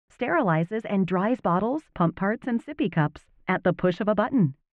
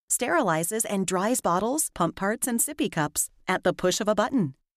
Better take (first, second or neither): second